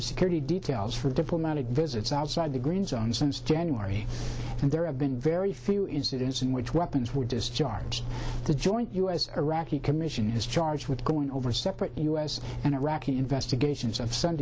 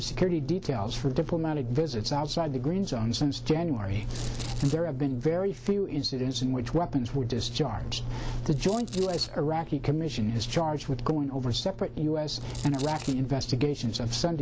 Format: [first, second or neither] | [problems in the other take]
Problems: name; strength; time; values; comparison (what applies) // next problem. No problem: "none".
first | background sound (Brass instrument + Domestic sounds, home sounds); 18 dB below the speech